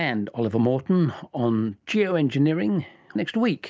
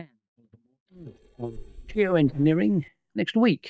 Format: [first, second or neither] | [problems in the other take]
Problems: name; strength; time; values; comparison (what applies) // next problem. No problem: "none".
first | noise reduction (neural mask model DeepFilterNet 3)